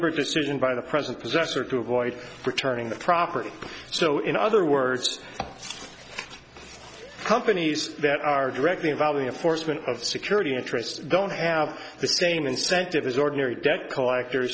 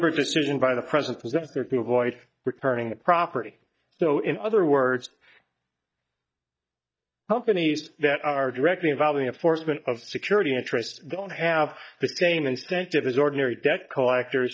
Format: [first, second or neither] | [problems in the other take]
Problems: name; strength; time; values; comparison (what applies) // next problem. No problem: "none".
first | noise reduction (neural mask model DeepFilterNet 3)